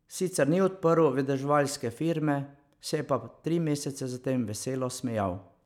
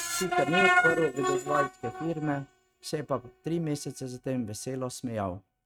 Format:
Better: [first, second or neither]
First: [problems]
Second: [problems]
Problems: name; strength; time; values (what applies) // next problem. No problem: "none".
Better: first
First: none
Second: noise reduction (neural mask model RNNoise)